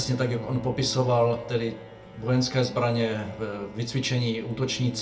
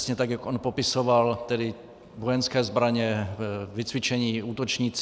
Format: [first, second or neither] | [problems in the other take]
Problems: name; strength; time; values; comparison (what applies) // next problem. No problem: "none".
second | background sound (Bowed string instrument); 15 dB below the speech // room echo; dies away in 0.2 s